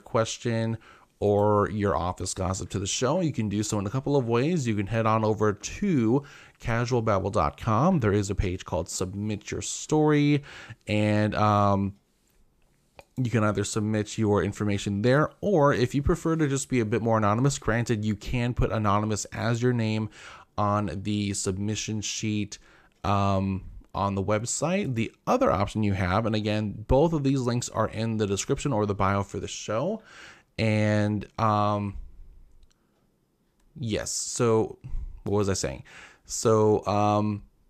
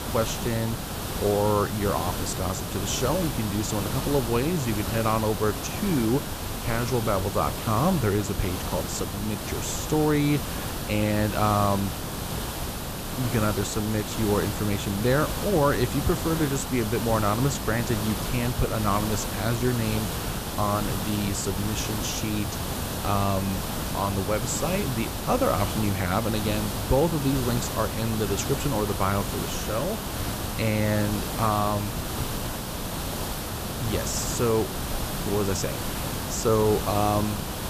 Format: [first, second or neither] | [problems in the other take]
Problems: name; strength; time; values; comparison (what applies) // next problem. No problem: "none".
first | hiss; loud; throughout; 4 dB below the speech